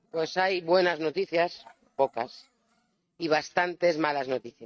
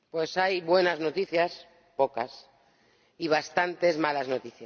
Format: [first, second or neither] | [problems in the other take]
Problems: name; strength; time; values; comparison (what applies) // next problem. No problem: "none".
second | noise reduction (neural mask model RNNoise)